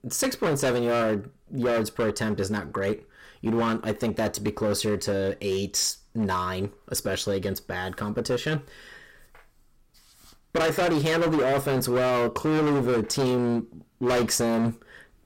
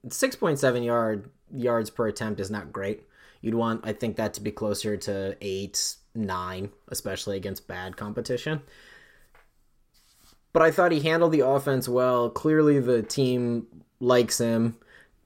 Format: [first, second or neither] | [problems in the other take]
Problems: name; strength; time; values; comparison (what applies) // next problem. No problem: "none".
second | distortion; heavy; 16% of the sound clipped